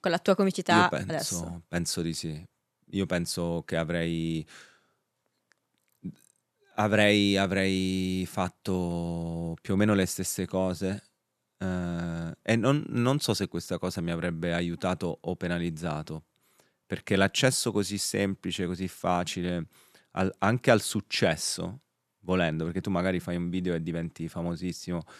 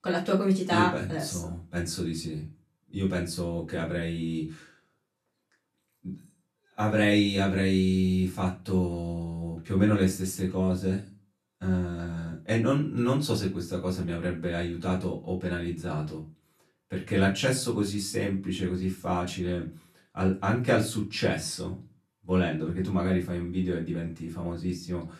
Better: first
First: none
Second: room echo; slight; dies away in 0.3 s // off-mic speech; far

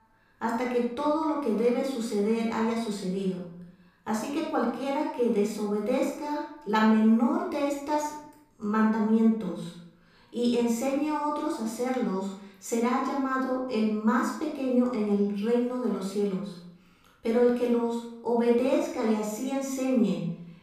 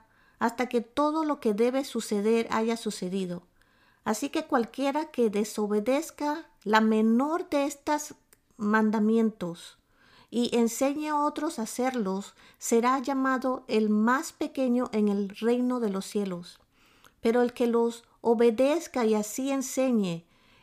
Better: second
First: off-mic speech; far // room echo; noticeable; dies away in 0.7 s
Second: none

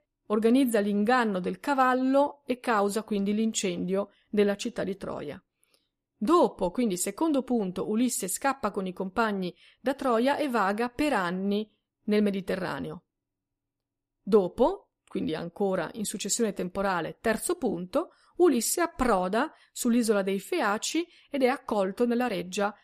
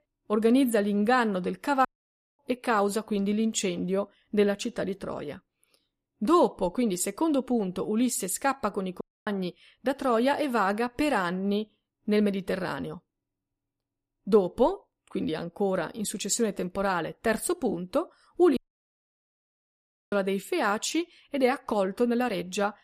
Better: first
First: none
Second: audio cutting out; at 2 s for 0.5 s, at 9 s and at 19 s for 1.5 s

